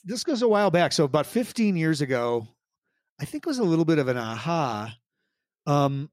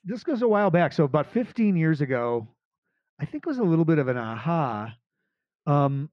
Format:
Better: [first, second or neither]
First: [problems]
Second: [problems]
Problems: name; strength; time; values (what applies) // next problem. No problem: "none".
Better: first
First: none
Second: muffled; very; fading above 2 kHz